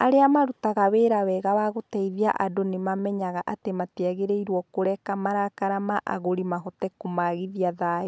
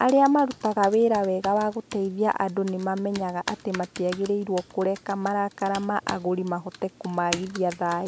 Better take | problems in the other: first | background sound (Computer keyboard); 17 dB below the speech

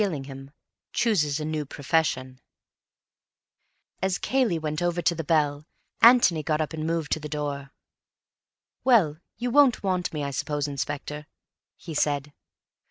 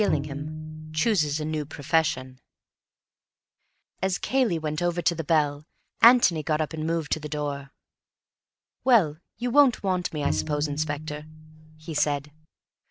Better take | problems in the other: first | background sound (Bowed string instrument); 7 dB below the speech

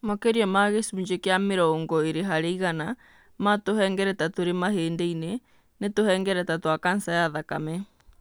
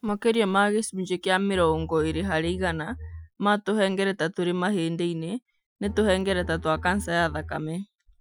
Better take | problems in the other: first | noise reduction (classical method Wiener filter)

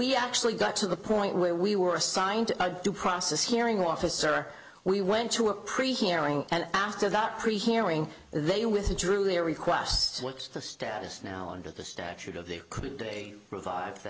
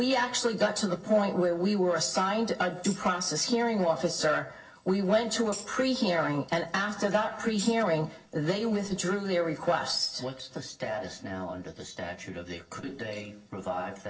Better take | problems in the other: first | noise reduction (neural separator model SepFormer DNS4)

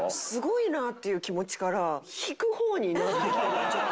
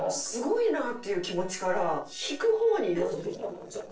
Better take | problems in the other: first | noise reduction (neural separator model SepFormer DNS4)

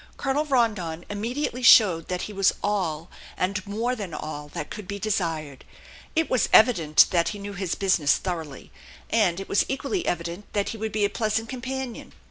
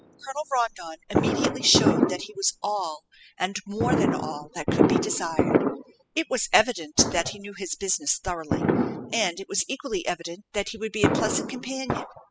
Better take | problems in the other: first | noise reduction (classical method spectral subtraction)

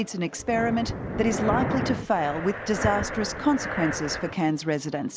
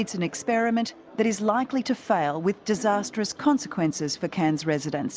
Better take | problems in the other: second | background sound (Breathing); 4 dB below the speech

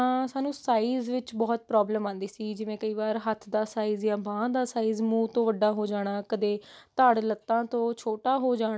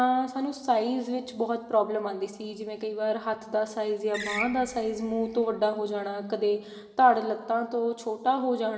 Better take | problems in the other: first | background sound (Screech); 11 dB below the speech // room echo; dies away in 1.2 s

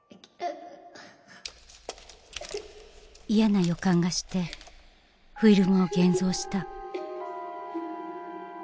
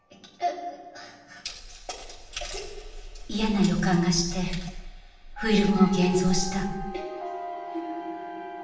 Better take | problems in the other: first | room echo; dies away in 0.7 s

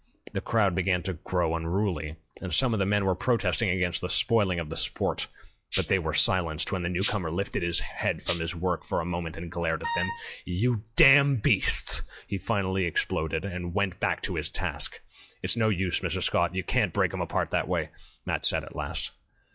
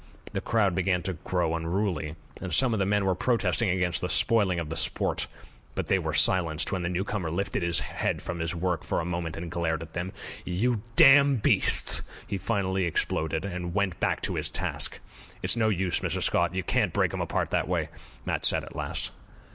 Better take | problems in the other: second | noise reduction (classical method log-MMSE)

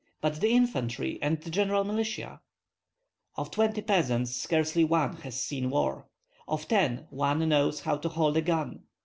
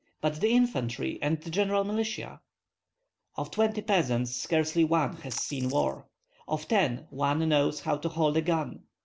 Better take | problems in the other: first | background sound (Splash, splatter); 16 dB below the speech

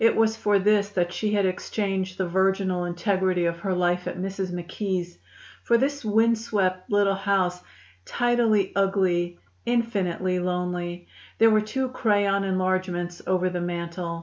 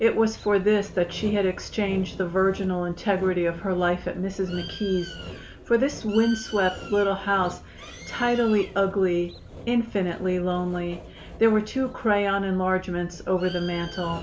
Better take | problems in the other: first | background sound (Bird + Sawing); 15 dB below the speech

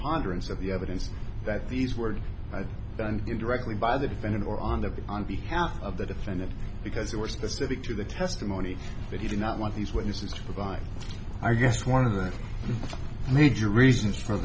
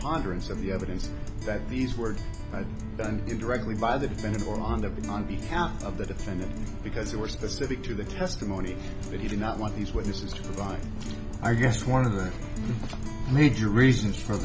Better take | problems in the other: first | background sound (Guitar); 12 dB below the speech

